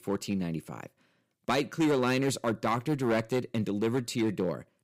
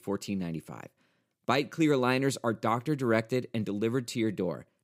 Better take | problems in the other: second | distortion; slight; 5% of the sound clipped

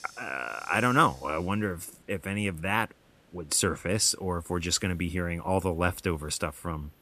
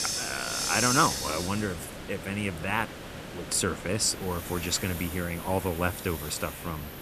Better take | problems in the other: first | hiss; loud; throughout; 4 dB below the speech; faint in the first

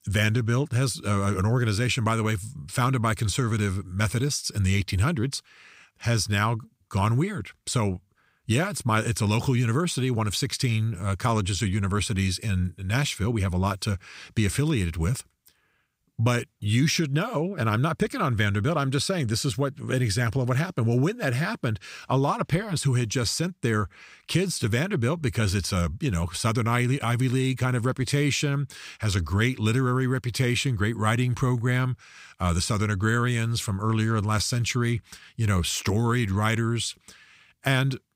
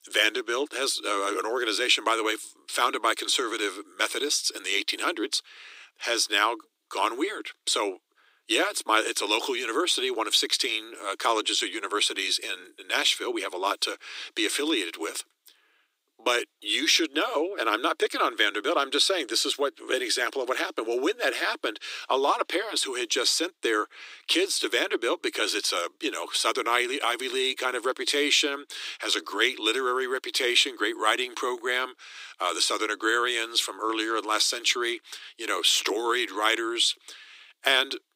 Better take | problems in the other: first | thin; very; fading below 300 Hz

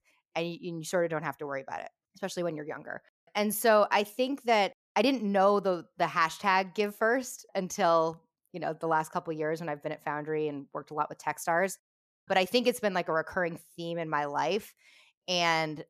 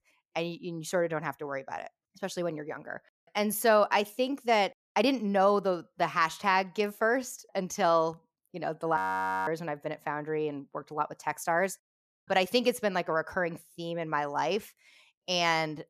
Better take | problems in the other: first | audio freezing; at 9 s for 0.5 s

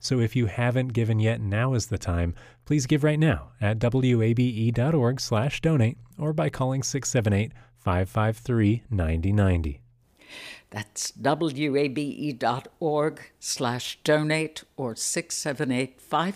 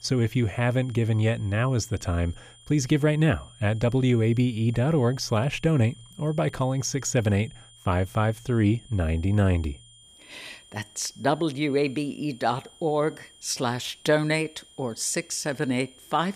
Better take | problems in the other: first | high-pitched whine; faint; throughout; 3 kHz, 25 dB below the speech

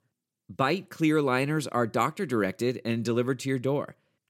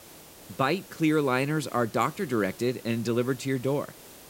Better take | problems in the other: first | hiss; noticeable; throughout; 20 dB below the speech

